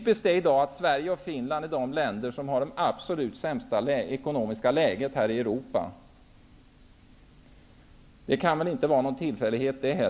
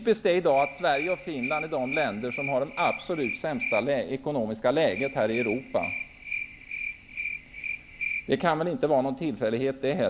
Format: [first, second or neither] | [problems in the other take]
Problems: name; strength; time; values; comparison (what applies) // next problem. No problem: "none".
first | background sound (Cricket); 8 dB below the speech